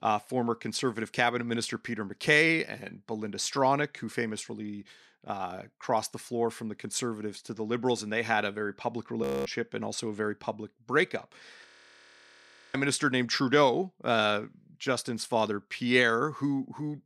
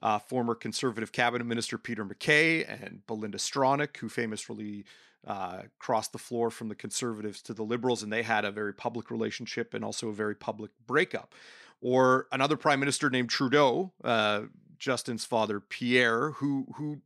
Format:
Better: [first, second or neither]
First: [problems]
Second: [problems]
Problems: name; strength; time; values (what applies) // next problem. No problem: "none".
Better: second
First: audio freezing; at 9 s and at 12 s for 1 s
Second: none